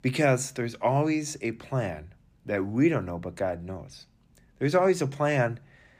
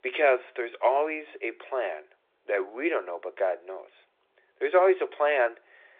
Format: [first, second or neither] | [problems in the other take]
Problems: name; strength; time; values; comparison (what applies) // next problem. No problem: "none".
first | phone-call audio